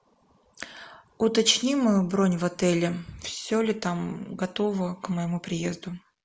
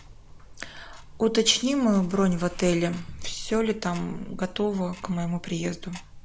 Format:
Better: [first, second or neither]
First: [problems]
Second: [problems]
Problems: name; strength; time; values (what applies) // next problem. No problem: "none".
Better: first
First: none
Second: background sound (Tick-tock); 13 dB below the speech